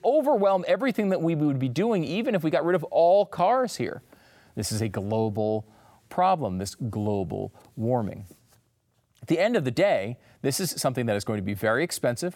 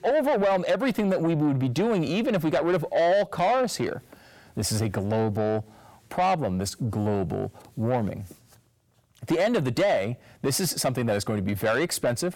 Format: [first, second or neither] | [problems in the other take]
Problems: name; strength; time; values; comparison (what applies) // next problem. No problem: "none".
first | distortion; slight; 10 dB below the speech